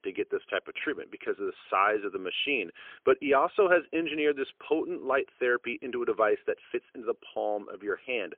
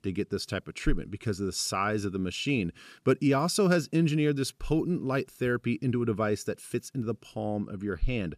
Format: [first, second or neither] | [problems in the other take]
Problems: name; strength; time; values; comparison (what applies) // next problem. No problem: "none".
second | phone-call audio; poor line; nothing above 3 kHz